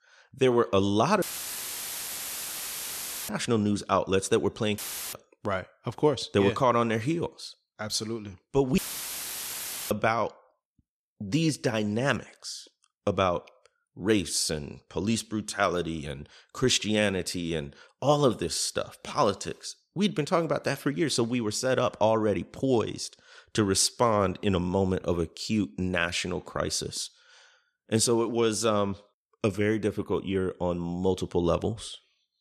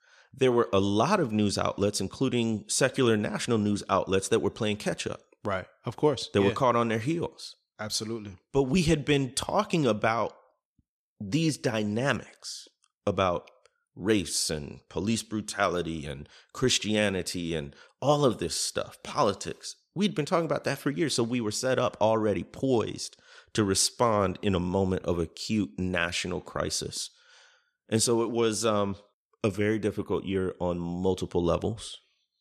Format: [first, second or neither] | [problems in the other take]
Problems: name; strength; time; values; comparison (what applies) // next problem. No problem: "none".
second | audio cutting out; filled with static; at 1 s for 2 s, at 5 s and at 9 s for 1 s